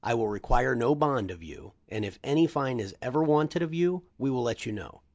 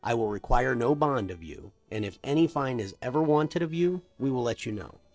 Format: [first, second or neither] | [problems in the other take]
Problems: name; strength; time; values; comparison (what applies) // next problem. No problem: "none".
first | noise reduction (neural separator model SepFormer DNS4)